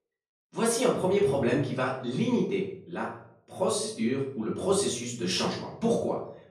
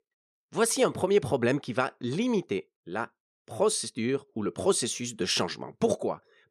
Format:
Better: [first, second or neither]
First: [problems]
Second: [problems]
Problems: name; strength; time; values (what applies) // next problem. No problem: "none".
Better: second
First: off-mic speech; far // room echo; noticeable; dies away in 0.5 s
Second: none